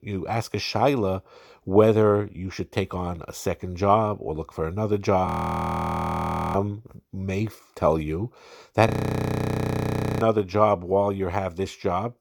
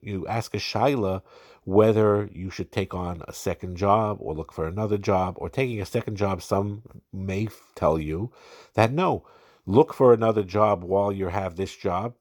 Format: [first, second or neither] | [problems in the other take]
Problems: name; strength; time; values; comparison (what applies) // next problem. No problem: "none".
second | audio freezing; at 5.5 s for 1.5 s and at 9 s for 1.5 s